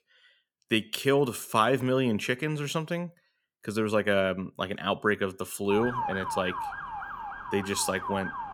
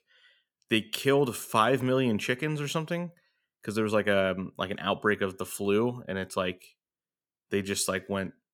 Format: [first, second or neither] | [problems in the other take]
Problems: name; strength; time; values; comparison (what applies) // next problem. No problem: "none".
second | siren; noticeable; from 5.5 s on; peak 4 dB below the speech